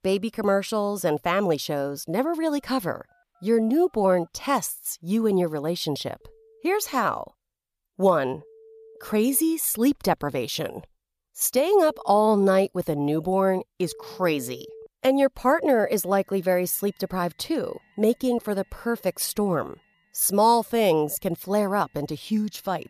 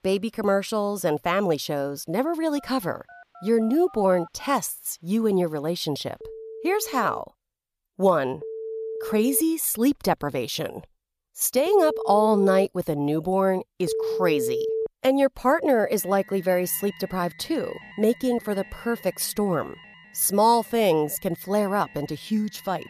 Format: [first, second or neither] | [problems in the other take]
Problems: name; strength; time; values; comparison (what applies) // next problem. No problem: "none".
first | alarms or sirens; loud; throughout; 10 dB below the speech; faint in the first